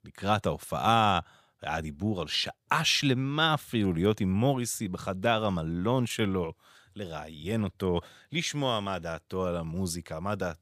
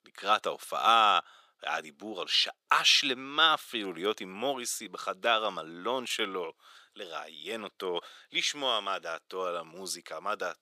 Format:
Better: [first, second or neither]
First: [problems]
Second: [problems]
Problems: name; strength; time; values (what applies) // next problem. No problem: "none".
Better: first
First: none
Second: thin; very; fading below 350 Hz